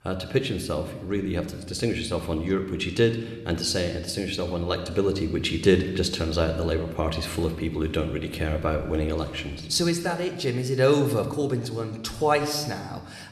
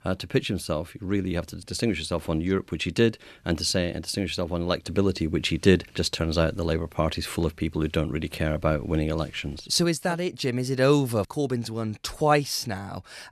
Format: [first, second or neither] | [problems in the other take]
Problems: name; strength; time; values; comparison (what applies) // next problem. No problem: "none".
second | room echo; slight; dies away in 1 s